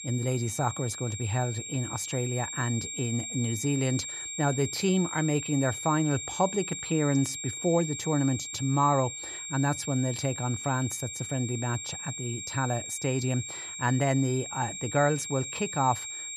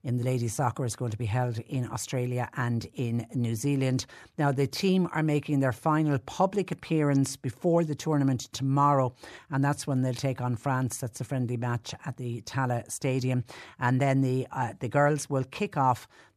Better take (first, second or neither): second